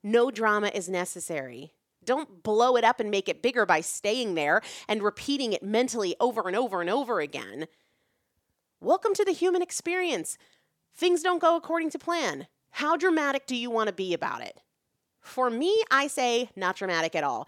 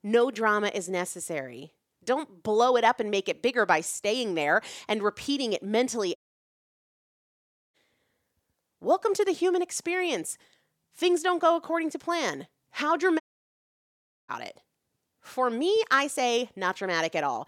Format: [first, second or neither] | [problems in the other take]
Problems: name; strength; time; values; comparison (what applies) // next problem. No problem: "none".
first | audio cutting out; at 6 s for 1.5 s and at 13 s for 1 s